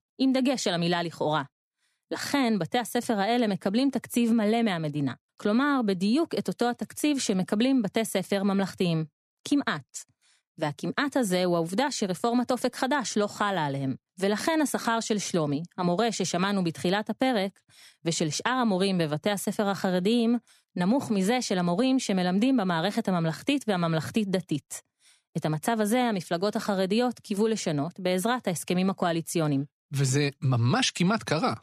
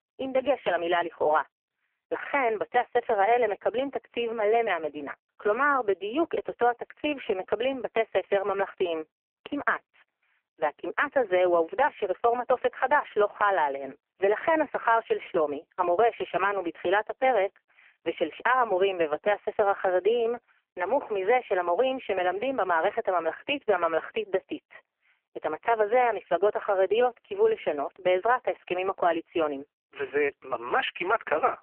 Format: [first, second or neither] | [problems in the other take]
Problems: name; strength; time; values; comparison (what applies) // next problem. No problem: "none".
first | phone-call audio; poor line; nothing above 3 kHz